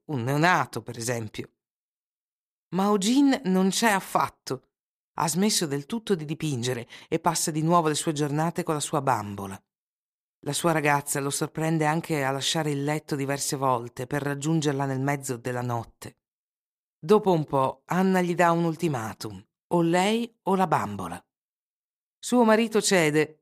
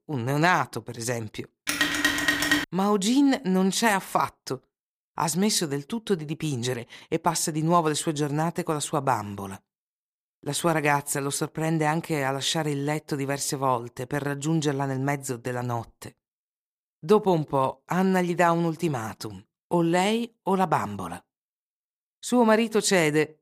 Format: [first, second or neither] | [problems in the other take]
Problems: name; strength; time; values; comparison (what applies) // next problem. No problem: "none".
first | phone ringing; loud; at 1.5 s; peak 3 dB above the speech